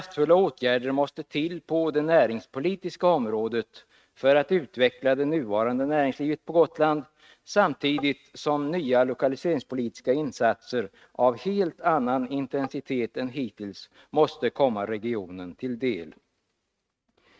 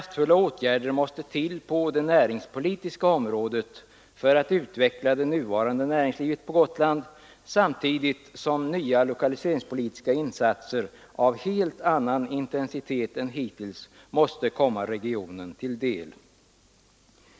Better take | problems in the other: second | noise reduction (neural mask model RNNoise)

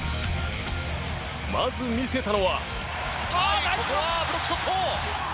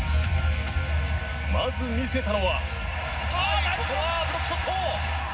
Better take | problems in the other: first | background sound (Bell); 19 dB below the speech // room echo; dies away in 0.4 s

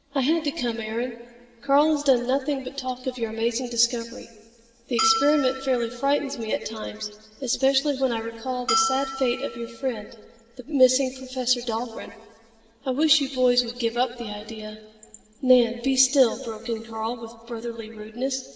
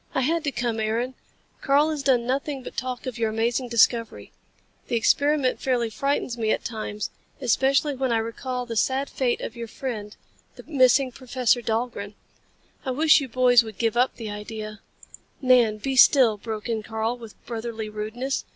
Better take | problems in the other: second | background sound (Bell); 6 dB below the speech // room echo; dies away in 2.4 s

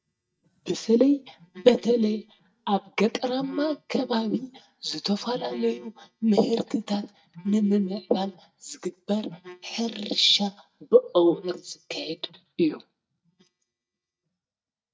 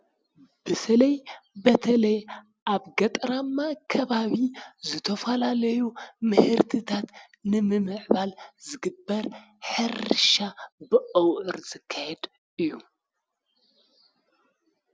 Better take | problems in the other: second | noise reduction (neural mask model DeepFilterNet 3)

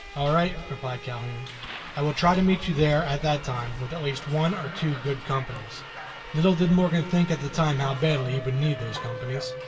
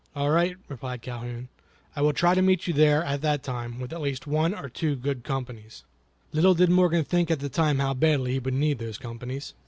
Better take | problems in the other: second | background sound (Subway, metro, underground); 12 dB below the speech // room echo; dies away in 2.1 s

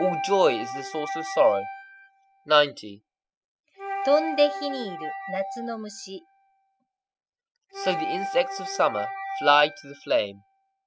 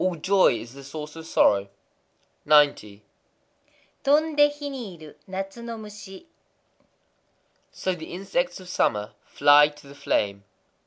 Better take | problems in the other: second | noise reduction (classical method spectral subtraction)

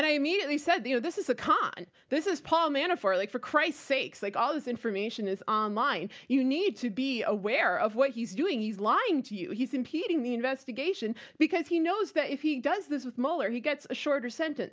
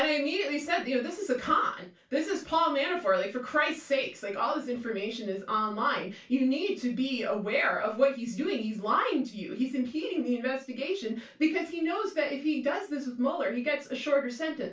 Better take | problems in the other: first | room echo; dies away in 0.3 s

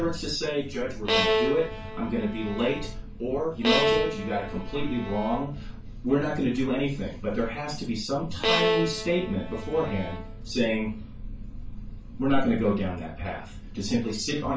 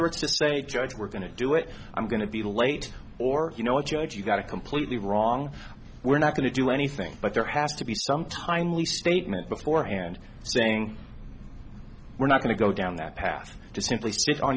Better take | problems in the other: second | background sound (Bowed string instrument); 2 dB below the speech // room echo; dies away in 0.2 s

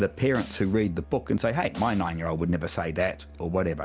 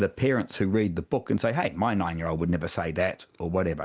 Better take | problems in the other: second | background sound (Musical instrument + Snare drum); 18 dB below the speech

